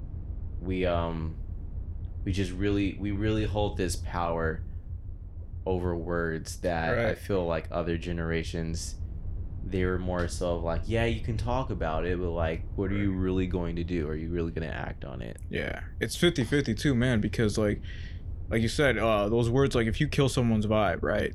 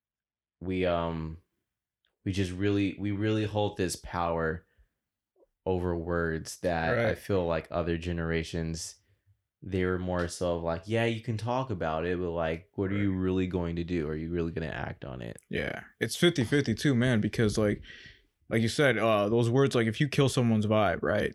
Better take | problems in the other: second | low rumble; faint; throughout; 25 dB below the speech

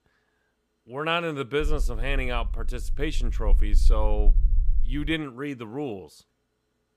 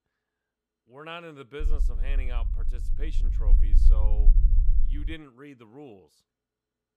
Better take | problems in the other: first | low rumble; loud; from 1.5 to 5 s; 8 dB below the speech; faint in the first

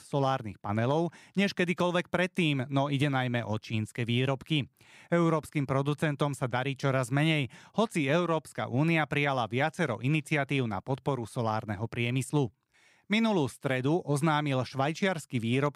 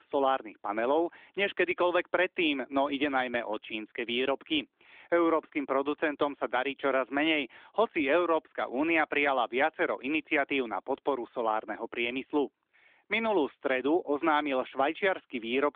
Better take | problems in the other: first | phone-call audio; nothing above 3.5 kHz

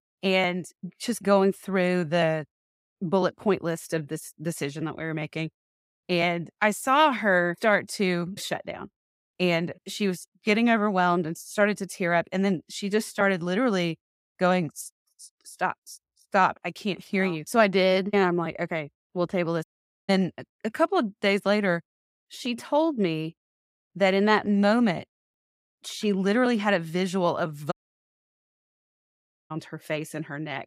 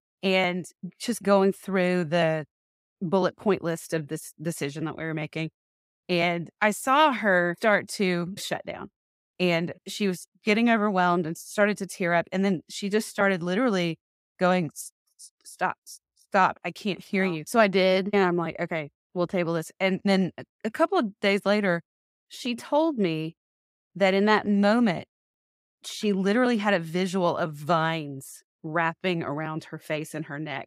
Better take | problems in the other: second | audio cutting out; at 20 s and at 28 s for 2 s

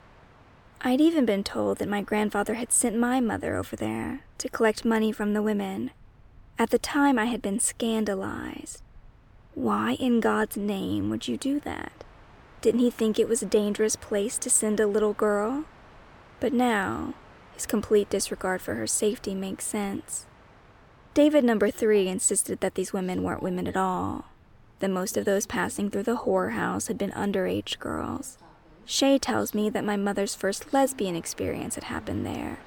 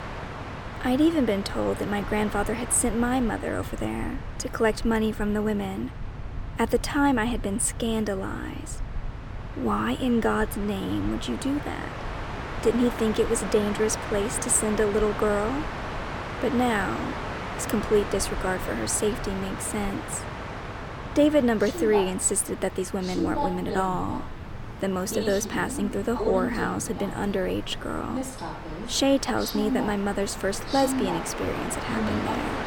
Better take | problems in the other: first | train or aircraft noise; loud; throughout; 8 dB below the speech; faint in the first

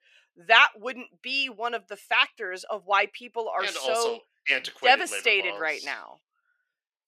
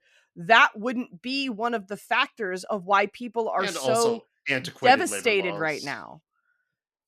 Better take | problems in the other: second | thin; somewhat; fading below 500 Hz

